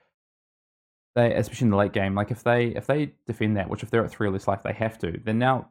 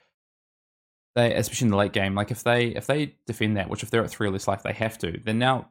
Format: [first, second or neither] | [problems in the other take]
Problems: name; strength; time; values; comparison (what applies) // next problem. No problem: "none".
second | muffled; slightly; fading above 2.5 kHz